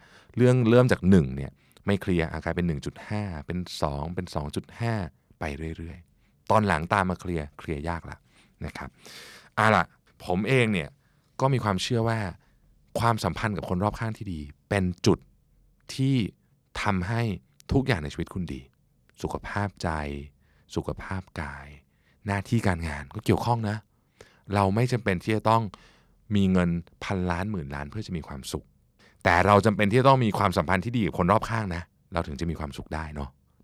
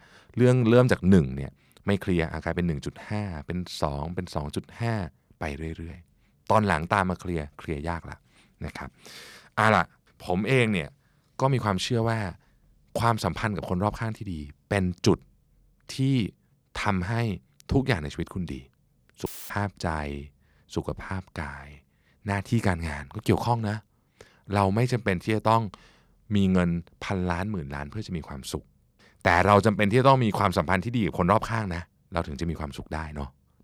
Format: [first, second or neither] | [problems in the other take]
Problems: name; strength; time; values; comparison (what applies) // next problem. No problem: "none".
first | audio cutting out; filled with static; at 19 s